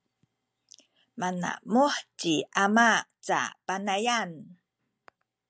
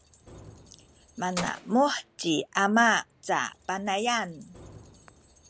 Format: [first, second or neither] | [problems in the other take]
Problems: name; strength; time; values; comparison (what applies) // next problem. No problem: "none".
first | background sound (Keys jangling); 17 dB below the speech